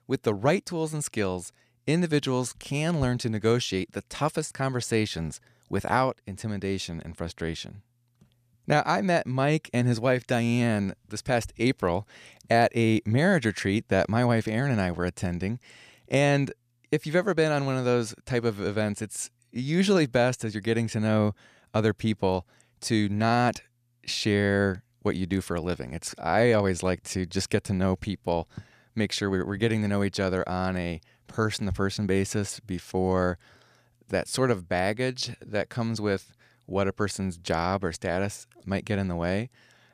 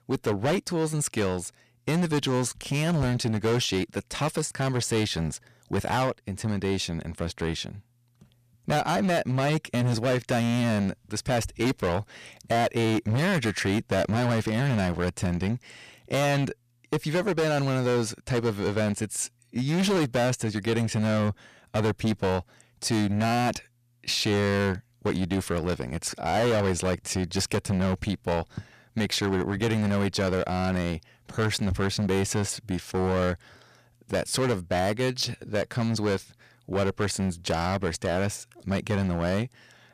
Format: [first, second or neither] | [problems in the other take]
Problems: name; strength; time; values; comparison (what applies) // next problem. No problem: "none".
first | distortion; heavy; 15% of the sound clipped